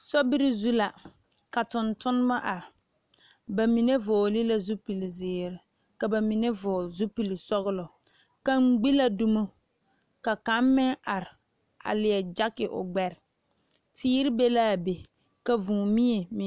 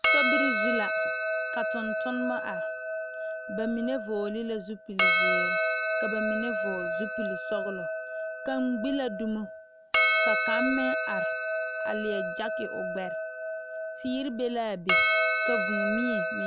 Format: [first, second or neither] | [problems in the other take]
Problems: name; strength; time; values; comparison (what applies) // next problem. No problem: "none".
first | background sound (Percussion); 5 dB above the speech